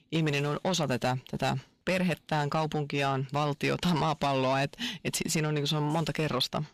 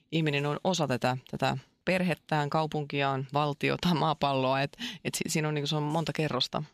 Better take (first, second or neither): second